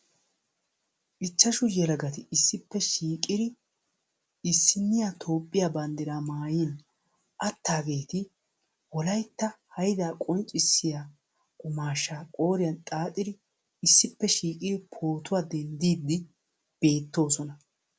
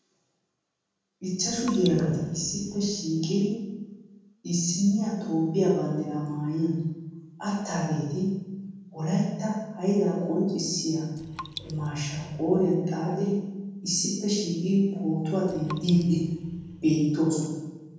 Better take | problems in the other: first | background sound (Raindrop); 17 dB below the speech // room echo; dies away in 1.3 s

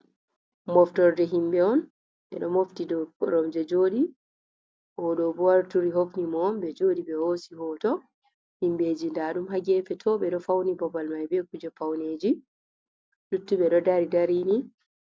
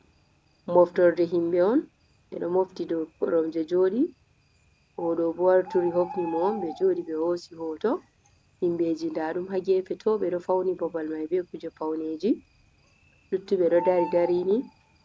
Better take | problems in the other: first | background sound (Bird); 17 dB below the speech

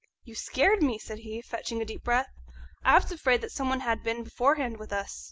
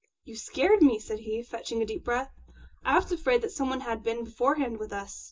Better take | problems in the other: first | room echo; dies away in 0.2 s

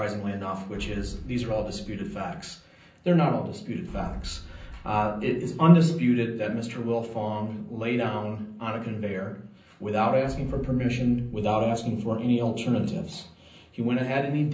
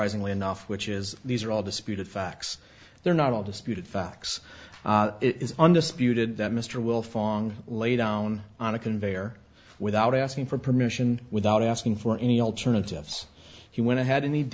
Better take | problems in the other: second | background sound (Boom); 14 dB below the speech // room echo; dies away in 0.6 s

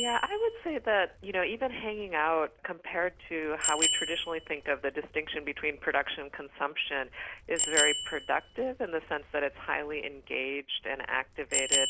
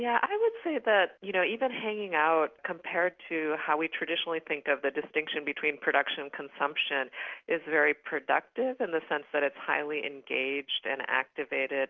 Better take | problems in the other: second | background sound (Bicycle bell); 3 dB below the speech

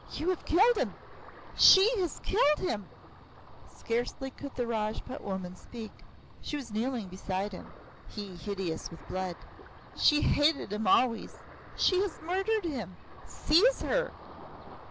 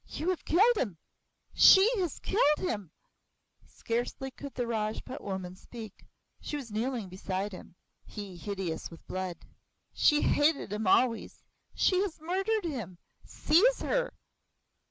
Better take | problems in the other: second | background sound (Ocean); 16 dB below the speech

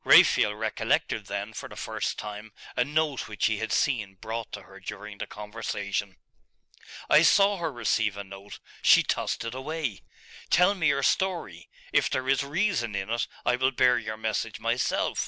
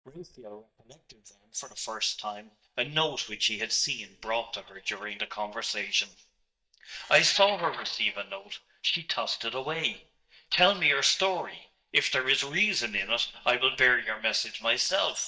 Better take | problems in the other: first | noise reduction (neural mask model DeepFilterNet 3)

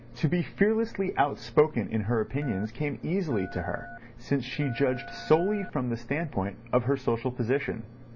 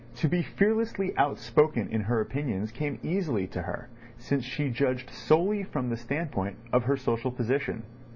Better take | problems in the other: second | background sound (Telephone); 17 dB below the speech

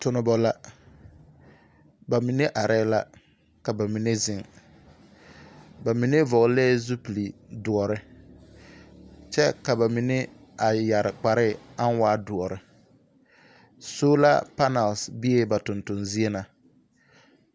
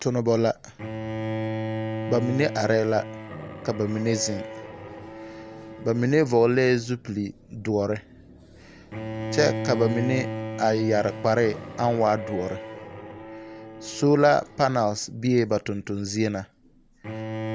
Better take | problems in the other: first | background sound (Bowed string instrument); 9 dB below the speech

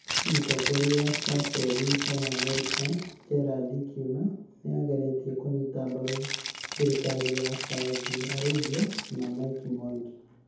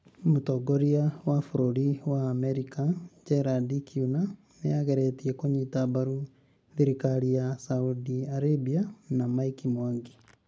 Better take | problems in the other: second | background sound (Rattle (instrument)); 5 dB below the speech // room echo; dies away in 0.7 s

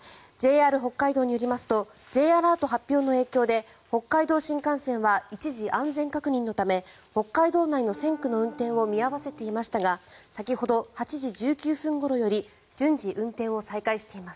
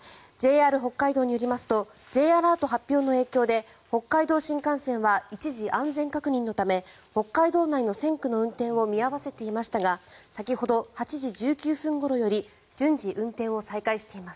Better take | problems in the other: second | background sound (Wind instrument, woodwind instrument); 20 dB below the speech

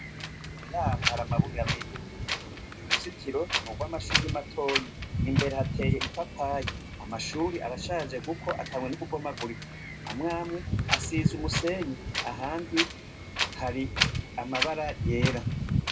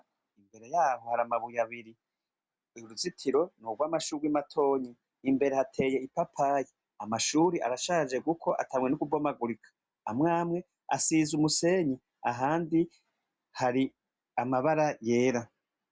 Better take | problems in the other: second | background sound (Wind); 2 dB above the speech // room echo; dies away in 0.2 s

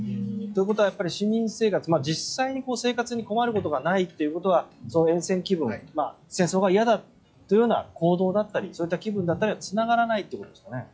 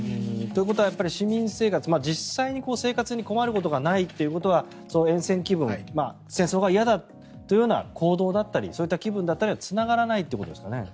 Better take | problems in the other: second | noise reduction (classical method log-MMSE)

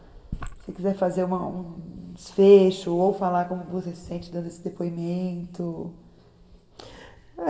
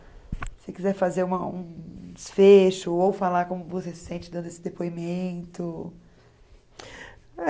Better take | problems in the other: second | room echo; dies away in 2.5 s

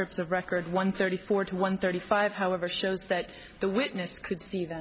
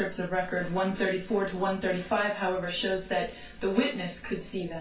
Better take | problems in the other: first | room echo; dies away in 0.2 s

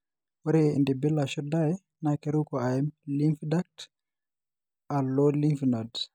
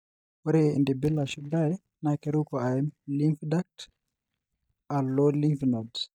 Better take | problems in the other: first | noise reduction (neural mask model DeepFilterNet 3)

